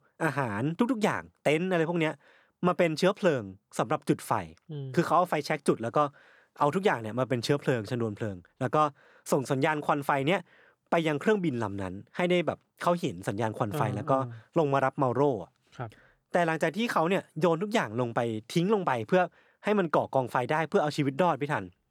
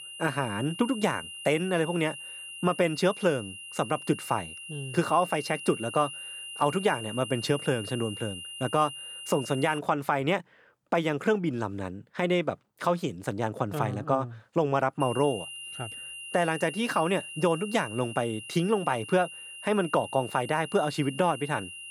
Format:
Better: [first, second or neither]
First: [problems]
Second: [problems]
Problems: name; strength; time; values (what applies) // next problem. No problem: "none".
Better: first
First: none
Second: high-pitched whine; noticeable; until 10 s and from 15 s on; 3 kHz, 10 dB below the speech